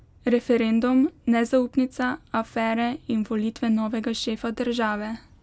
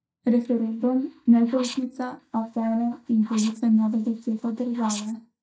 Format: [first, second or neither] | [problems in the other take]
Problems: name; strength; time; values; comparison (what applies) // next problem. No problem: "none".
first | noise reduction (neural mask model DeepFilterNet 3)